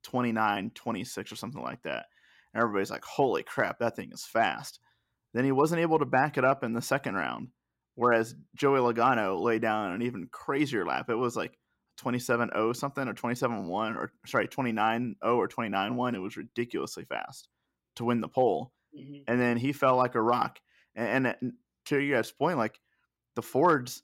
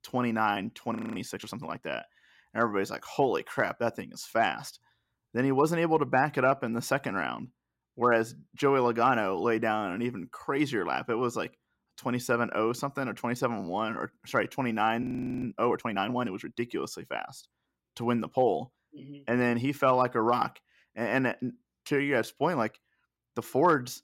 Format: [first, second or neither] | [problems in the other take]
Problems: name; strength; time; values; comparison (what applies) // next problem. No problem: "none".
first | audio freezing; at 1 s and at 15 s